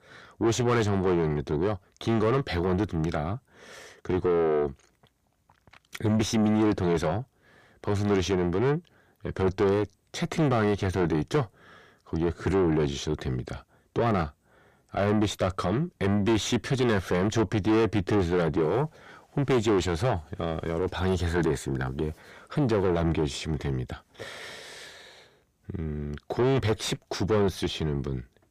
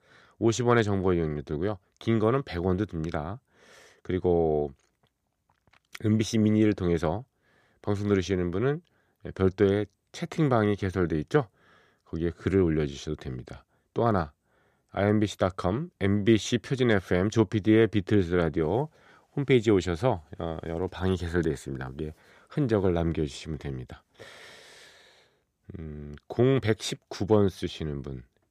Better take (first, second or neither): second